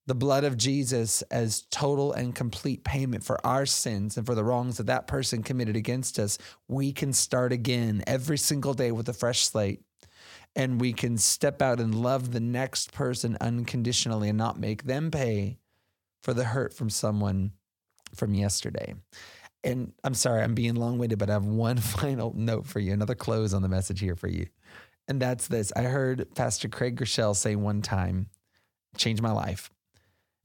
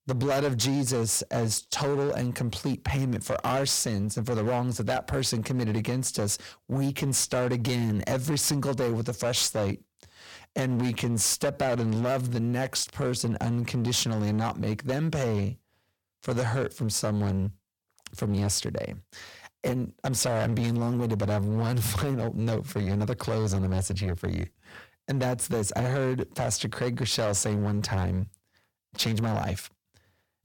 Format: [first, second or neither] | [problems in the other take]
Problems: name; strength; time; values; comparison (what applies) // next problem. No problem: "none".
first | distortion; slight; 13% of the sound clipped